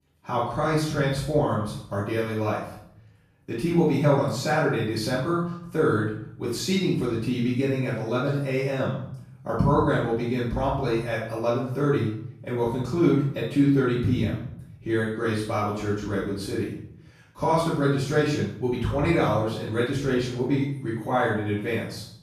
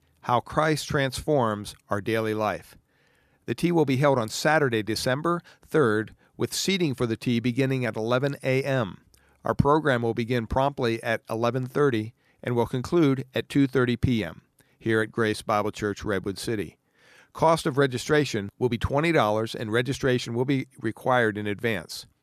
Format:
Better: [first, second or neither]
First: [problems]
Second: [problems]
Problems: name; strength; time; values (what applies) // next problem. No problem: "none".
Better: second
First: off-mic speech; far // room echo; noticeable; dies away in 0.7 s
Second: none